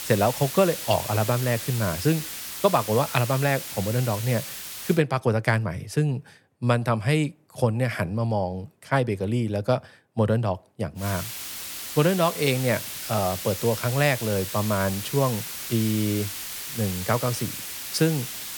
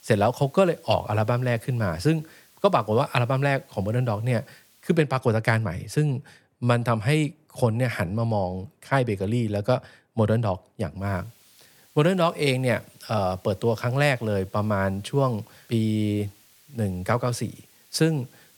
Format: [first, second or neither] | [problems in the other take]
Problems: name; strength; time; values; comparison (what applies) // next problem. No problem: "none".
second | hiss; loud; until 5 s and from 11 s on; 7 dB below the speech; faint in the second